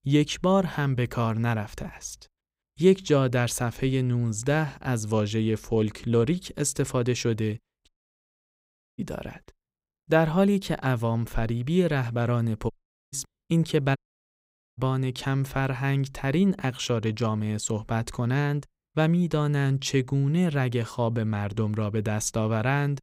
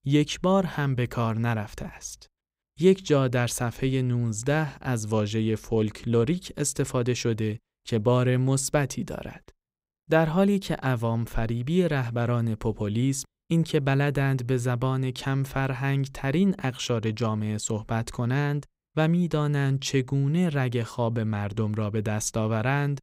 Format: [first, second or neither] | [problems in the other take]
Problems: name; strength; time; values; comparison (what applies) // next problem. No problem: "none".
second | audio cutting out; at 8 s for 1 s, at 13 s and at 14 s for 1 s